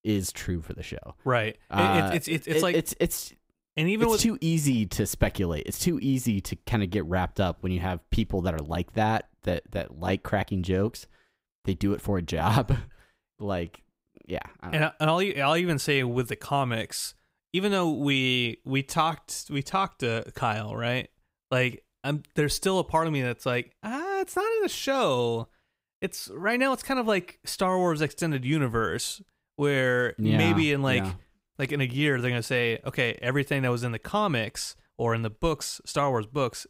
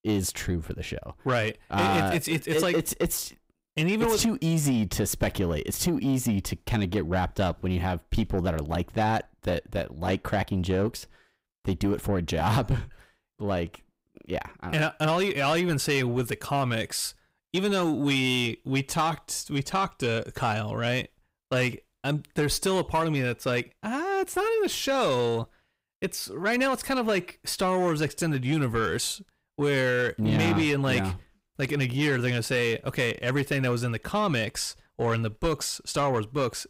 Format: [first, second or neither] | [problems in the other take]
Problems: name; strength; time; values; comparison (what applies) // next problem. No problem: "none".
first | distortion; slight; 10 dB below the speech